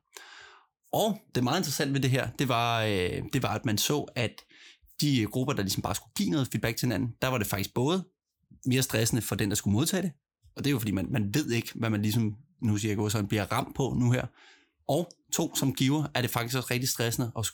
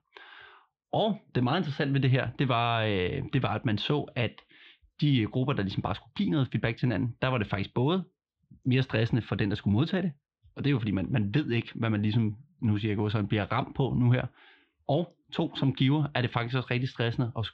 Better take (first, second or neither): first